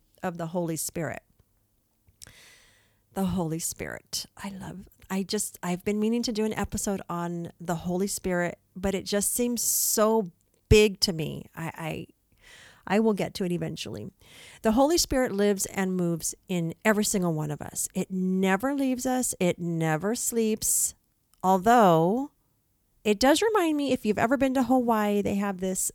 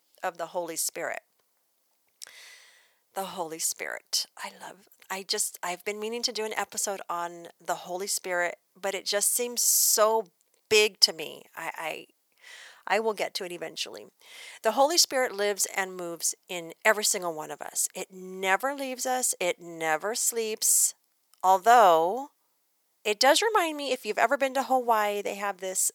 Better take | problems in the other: first | thin; very; fading below 650 Hz

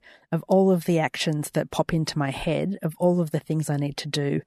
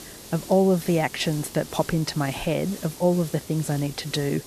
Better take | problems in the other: first | hiss; noticeable; throughout; 15 dB below the speech

